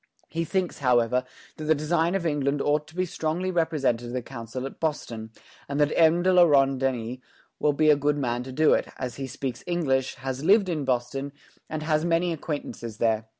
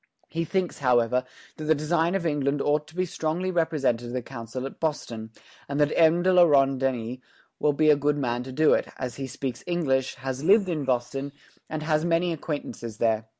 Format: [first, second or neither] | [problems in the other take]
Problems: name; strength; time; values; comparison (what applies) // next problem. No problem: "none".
first | noise reduction (neural mask model Resemble Enhance denoiser)